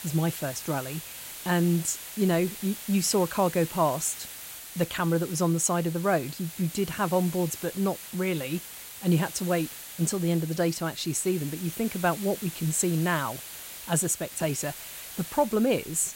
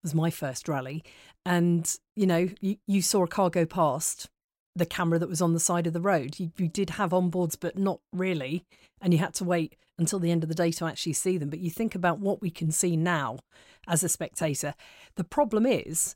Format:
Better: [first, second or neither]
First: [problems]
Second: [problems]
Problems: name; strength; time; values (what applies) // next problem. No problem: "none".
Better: second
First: hiss; noticeable; throughout; 10 dB below the speech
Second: none